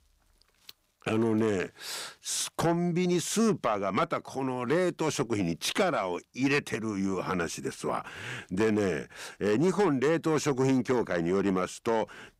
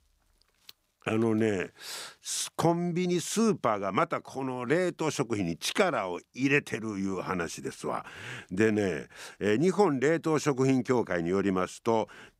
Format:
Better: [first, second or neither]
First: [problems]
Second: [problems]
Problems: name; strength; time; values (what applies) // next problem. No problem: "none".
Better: second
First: distortion; slight; 10 dB below the speech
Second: none